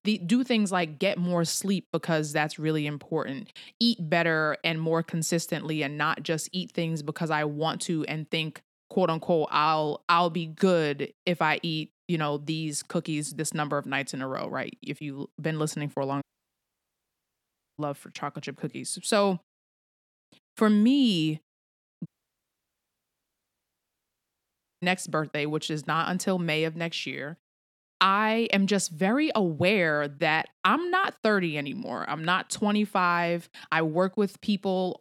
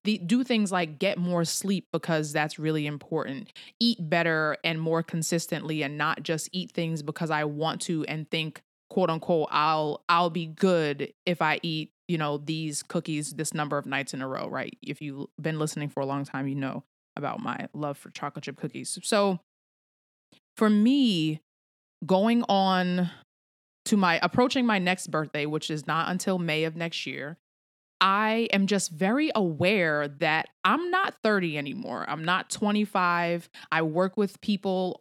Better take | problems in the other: second | audio cutting out; at 16 s for 1.5 s and at 22 s for 3 s

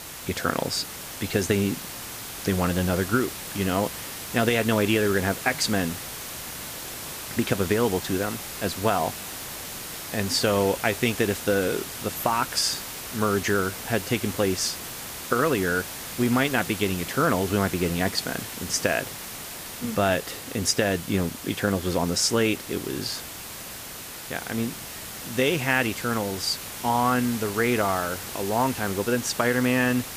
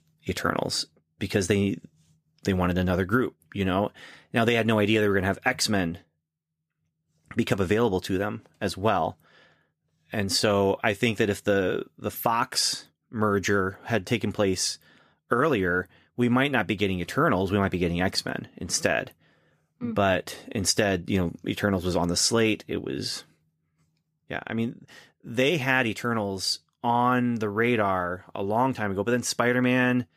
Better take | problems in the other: second | hiss; loud; throughout; 9 dB below the speech

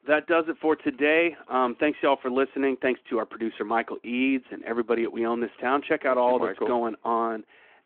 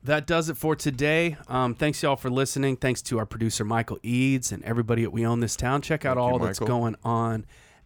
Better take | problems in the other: second | phone-call audio

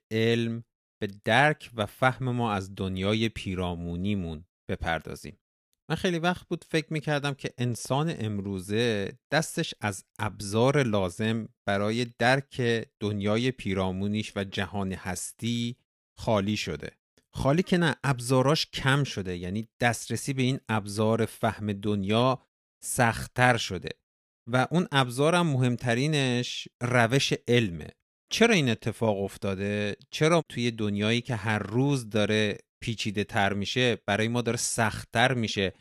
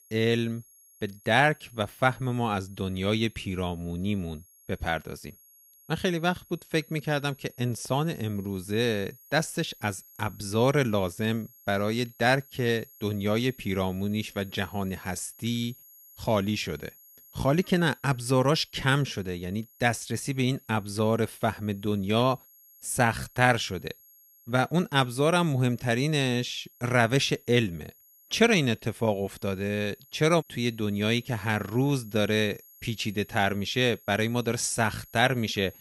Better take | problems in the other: first | high-pitched whine; faint; throughout; 11.5 kHz, 25 dB below the speech

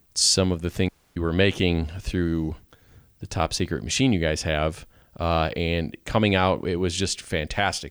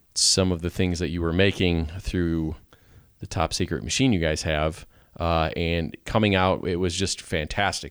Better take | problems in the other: second | audio cutting out; at 1 s

